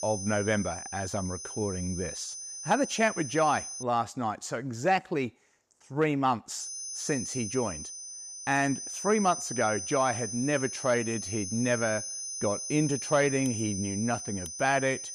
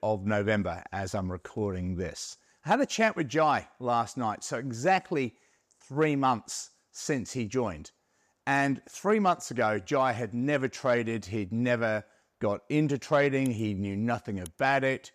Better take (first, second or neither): second